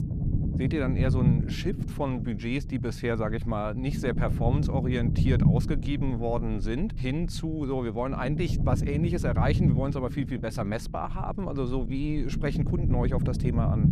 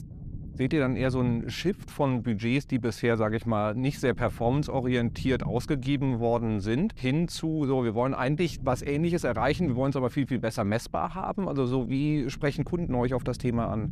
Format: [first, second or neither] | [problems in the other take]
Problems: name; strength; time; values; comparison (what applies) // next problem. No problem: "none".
second | low rumble; loud; throughout; 6 dB below the speech; faint in the second